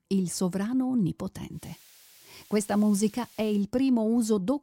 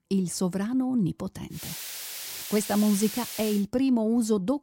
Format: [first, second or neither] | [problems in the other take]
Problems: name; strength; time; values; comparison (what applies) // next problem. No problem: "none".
first | hiss; loud; from 1.5 to 3.5 s; 8 dB below the speech; faint in the first